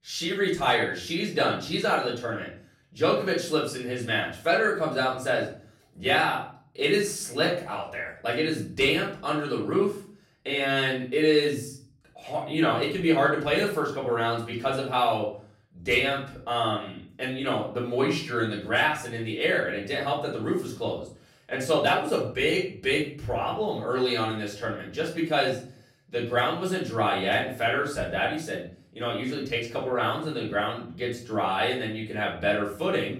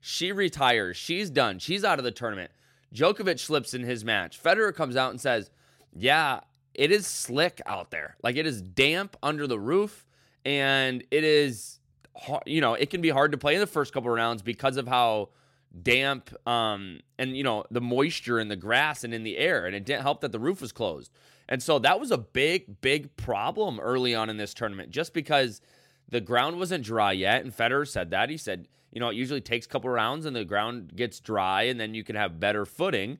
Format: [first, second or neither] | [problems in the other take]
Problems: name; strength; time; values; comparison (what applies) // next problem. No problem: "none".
second | off-mic speech; far // room echo; slight; dies away in 0.4 s